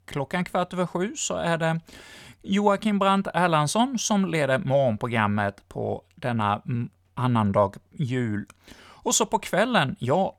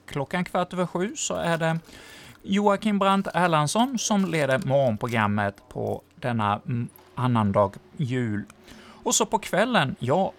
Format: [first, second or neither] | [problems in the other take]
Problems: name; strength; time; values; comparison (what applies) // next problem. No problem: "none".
first | machinery noise; faint; throughout; 25 dB below the speech